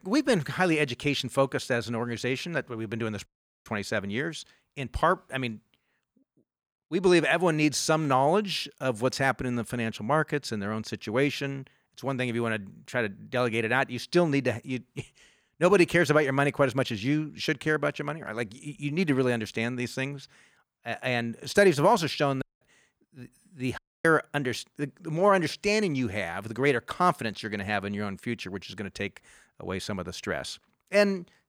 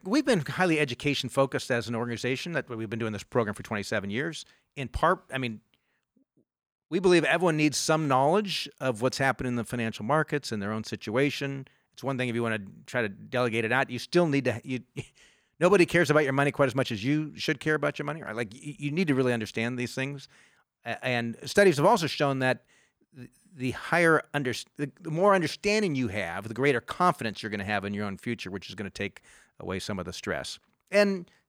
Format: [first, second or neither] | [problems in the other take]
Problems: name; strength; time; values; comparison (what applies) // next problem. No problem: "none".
second | audio cutting out; at 3.5 s, at 22 s and at 24 s